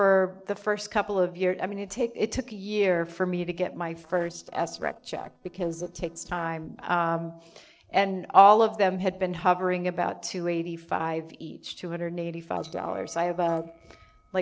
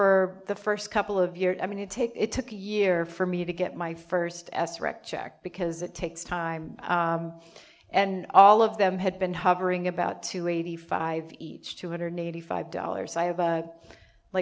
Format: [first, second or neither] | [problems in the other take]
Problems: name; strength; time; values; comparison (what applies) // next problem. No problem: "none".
second | noise reduction (neural separator model SepFormer DNS4)